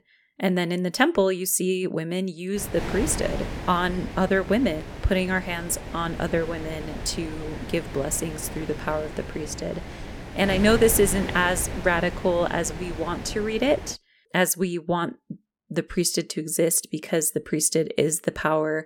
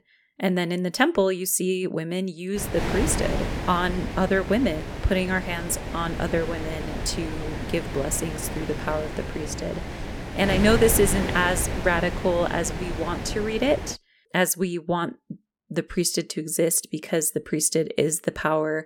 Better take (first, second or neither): first